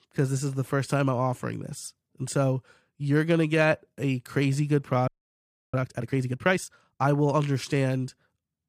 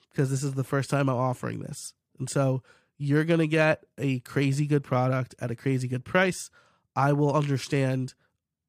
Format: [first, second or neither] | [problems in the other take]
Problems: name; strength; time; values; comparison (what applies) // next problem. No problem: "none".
second | audio freezing; at 5 s for 0.5 s